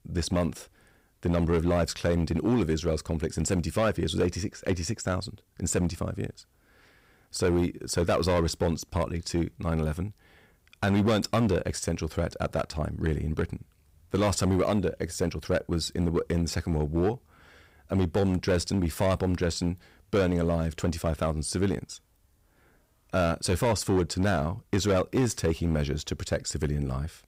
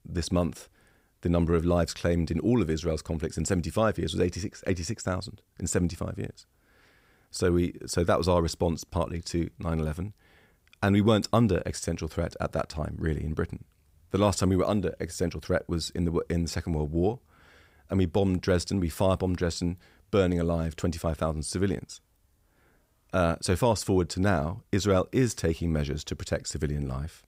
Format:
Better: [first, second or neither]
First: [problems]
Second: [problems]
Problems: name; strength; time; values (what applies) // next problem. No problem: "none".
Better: second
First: distortion; slight; 7% of the sound clipped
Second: none